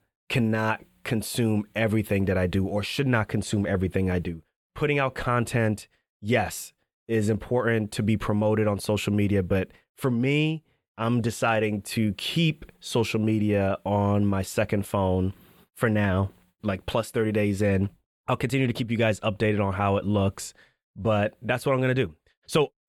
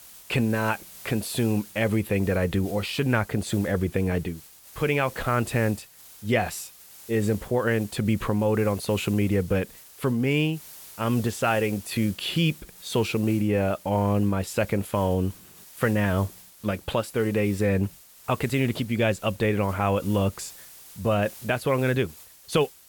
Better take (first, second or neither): first